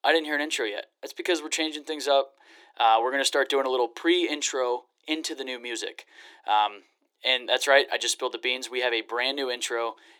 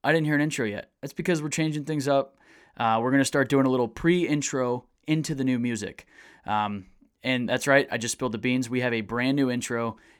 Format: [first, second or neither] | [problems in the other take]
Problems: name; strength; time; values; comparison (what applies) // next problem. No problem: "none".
second | thin; very; fading below 350 Hz